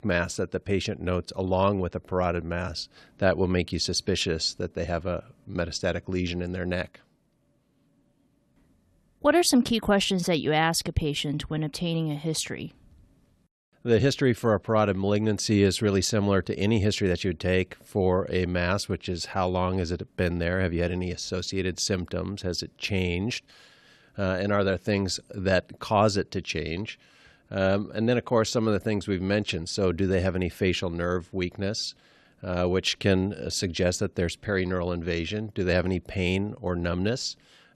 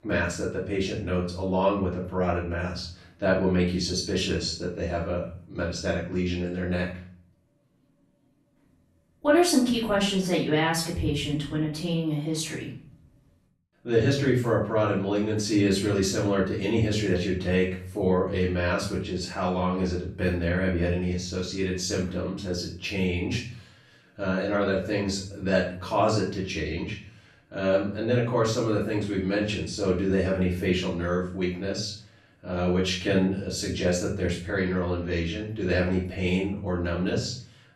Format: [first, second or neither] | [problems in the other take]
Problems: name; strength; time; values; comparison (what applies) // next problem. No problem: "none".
first | off-mic speech; far // room echo; noticeable; dies away in 0.4 s